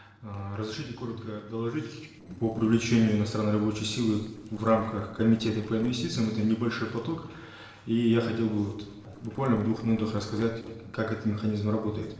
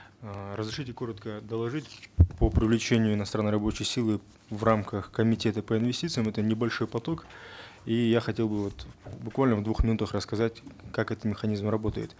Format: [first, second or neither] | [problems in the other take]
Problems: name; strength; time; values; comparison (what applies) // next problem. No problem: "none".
second | noise reduction (neural separator model SepFormer DNS4)